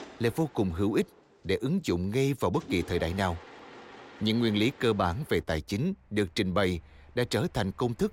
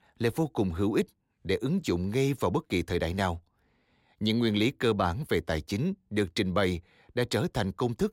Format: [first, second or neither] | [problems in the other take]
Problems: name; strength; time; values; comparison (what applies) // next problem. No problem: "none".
second | machinery noise; noticeable; throughout; 20 dB below the speech